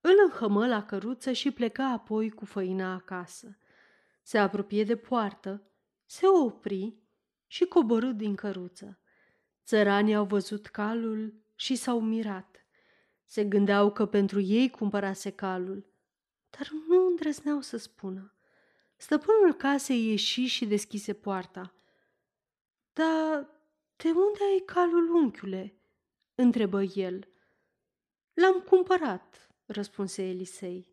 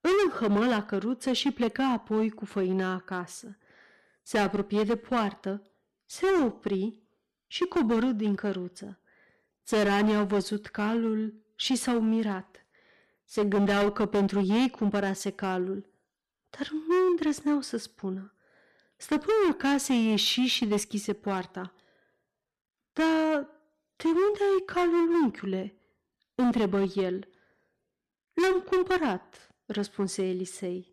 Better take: first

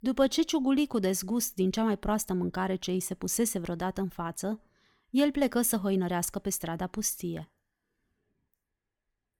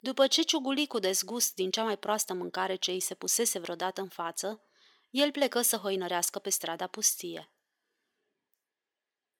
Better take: first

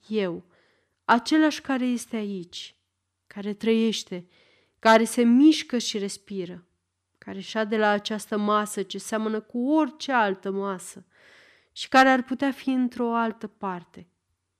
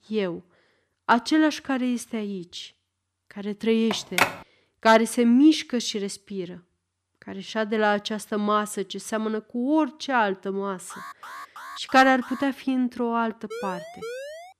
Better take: first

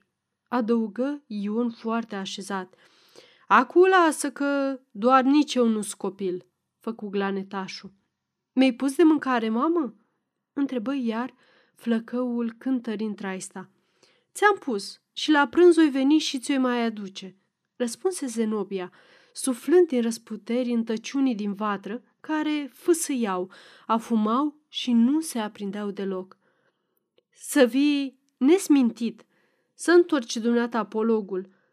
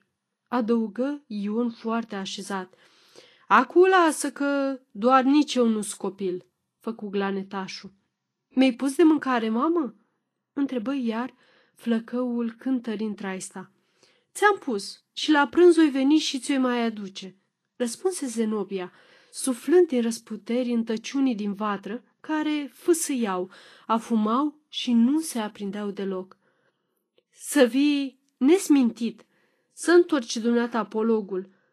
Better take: first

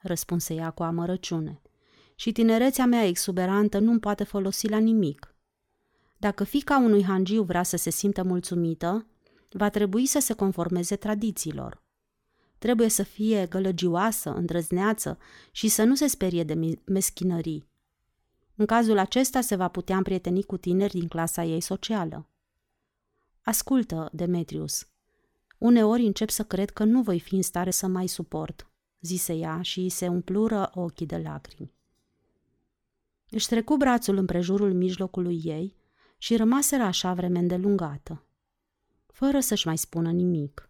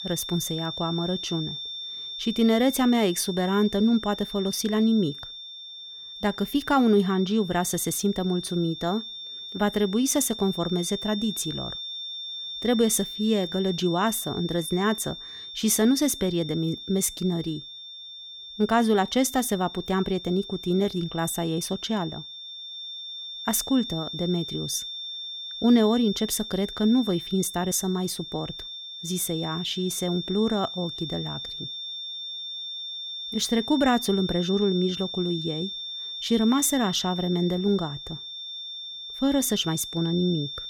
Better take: first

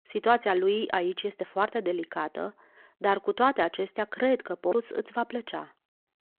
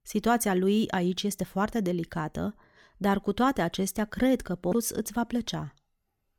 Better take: second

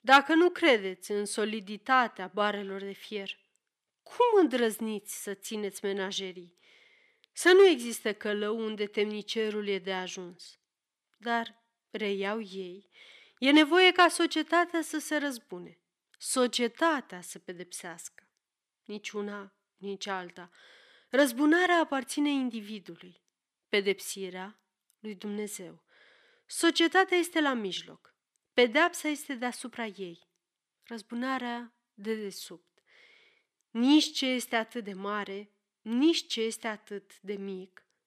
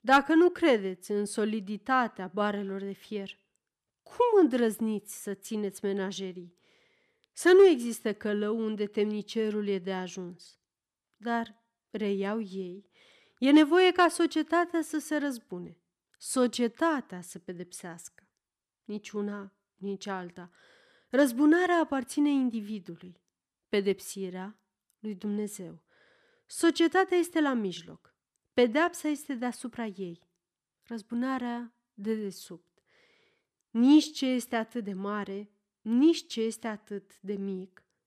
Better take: second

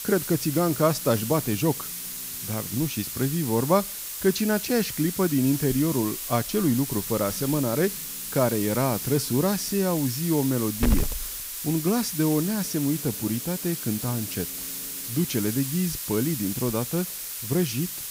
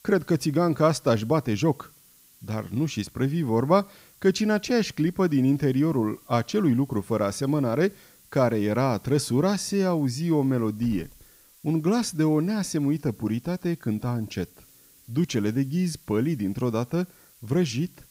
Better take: second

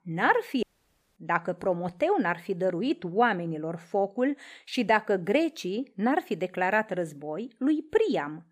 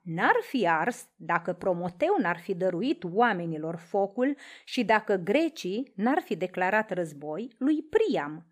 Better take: second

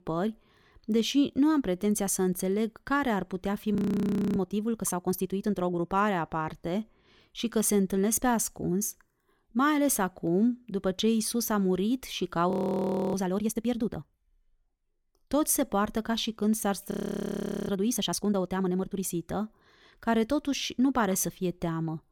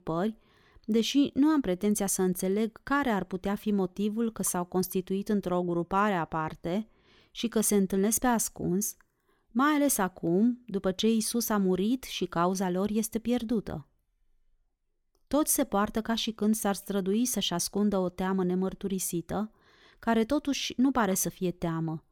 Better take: second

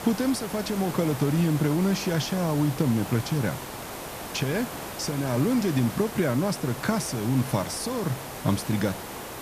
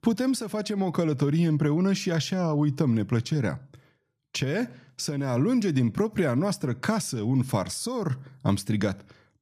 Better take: second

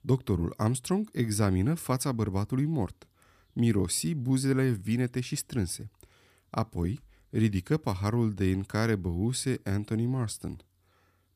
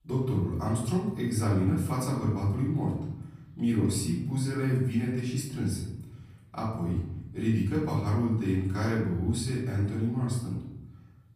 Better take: first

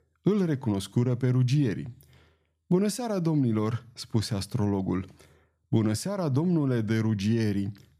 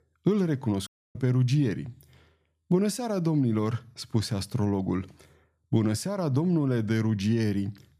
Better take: first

